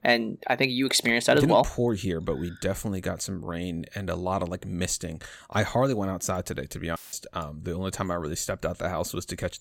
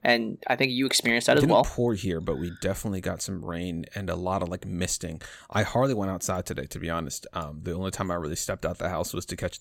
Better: second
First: audio cutting out; filled with static; at 7 s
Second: none

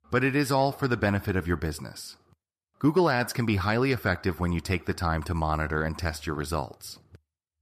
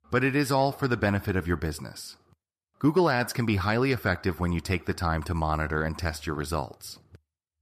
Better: neither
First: none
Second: none

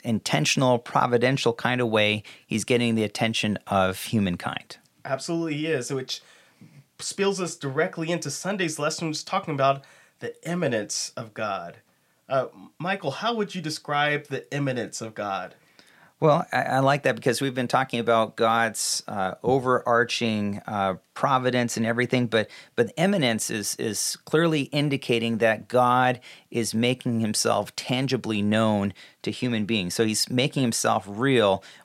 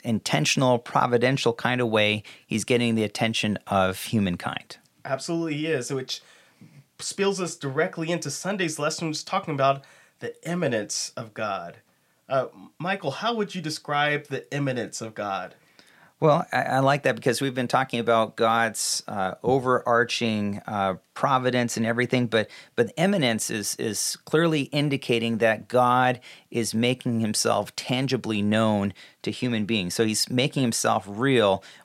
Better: neither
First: none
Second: none

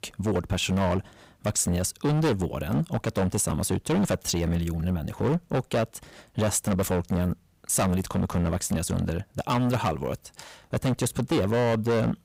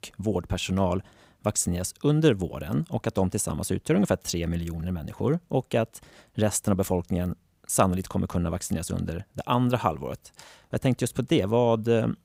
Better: second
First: distortion; heavy; 14% of the sound clipped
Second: none

